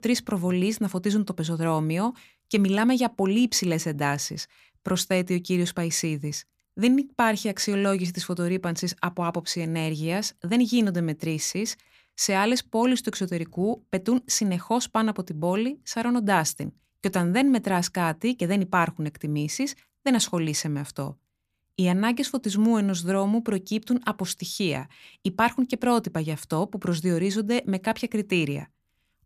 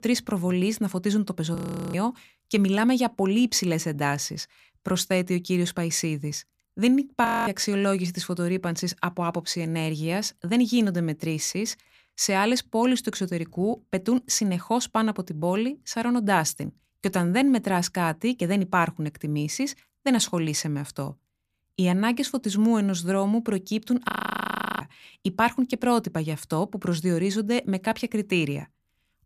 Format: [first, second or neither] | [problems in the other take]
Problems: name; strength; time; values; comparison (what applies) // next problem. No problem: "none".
first | audio freezing; at 1.5 s, at 7.5 s and at 24 s for 0.5 s